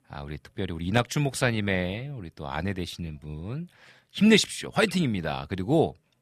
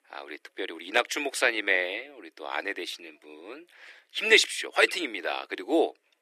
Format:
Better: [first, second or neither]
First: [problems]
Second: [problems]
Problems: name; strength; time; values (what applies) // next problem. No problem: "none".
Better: first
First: none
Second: thin; very; fading below 300 Hz